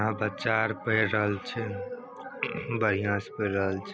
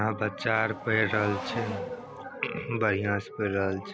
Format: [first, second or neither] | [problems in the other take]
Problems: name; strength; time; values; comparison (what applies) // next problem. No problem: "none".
first | background sound (Race car, auto racing / Accelerating, revving, vroom); 11 dB below the speech